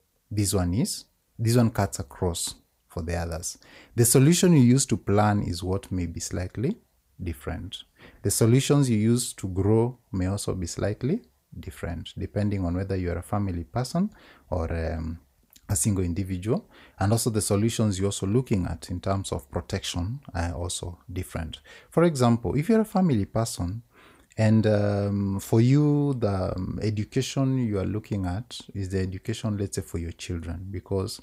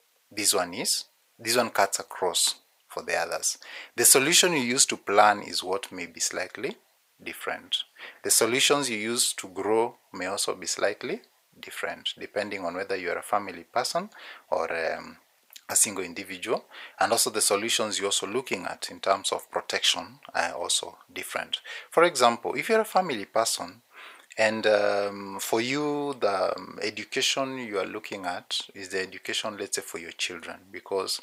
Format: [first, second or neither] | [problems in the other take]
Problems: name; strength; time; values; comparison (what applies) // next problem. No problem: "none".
first | thin; very; fading below 650 Hz